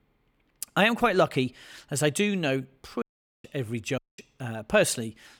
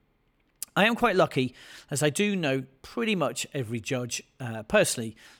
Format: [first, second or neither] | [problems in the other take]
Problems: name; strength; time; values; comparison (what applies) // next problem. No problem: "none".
second | audio cutting out; at 3 s and at 4 s